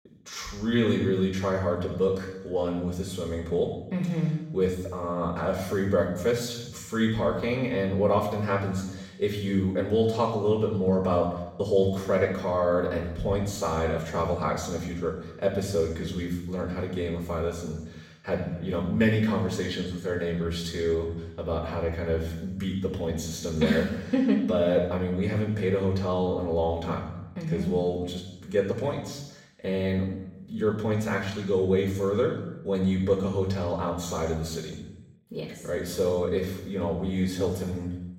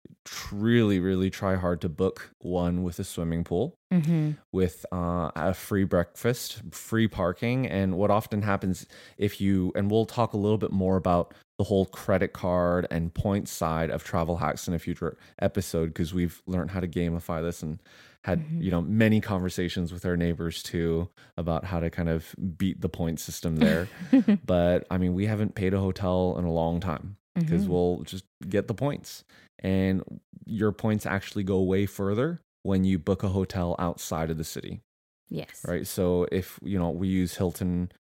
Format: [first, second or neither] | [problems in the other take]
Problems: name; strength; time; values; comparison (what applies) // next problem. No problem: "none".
second | room echo; noticeable; dies away in 0.8 s // off-mic speech; far